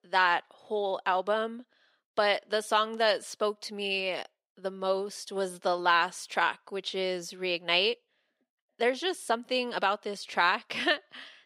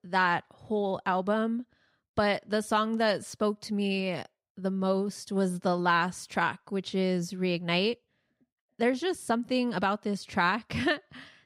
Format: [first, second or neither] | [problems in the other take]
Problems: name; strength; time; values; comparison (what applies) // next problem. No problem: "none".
second | thin; somewhat; fading below 450 Hz